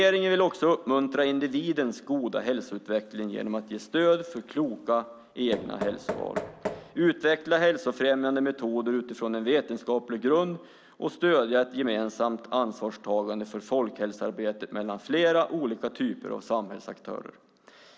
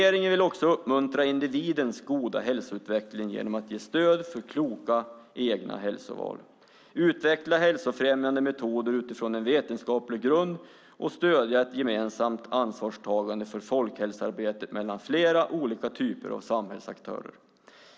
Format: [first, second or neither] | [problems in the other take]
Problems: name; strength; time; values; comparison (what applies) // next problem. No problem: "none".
second | background sound (Knock); 11 dB below the speech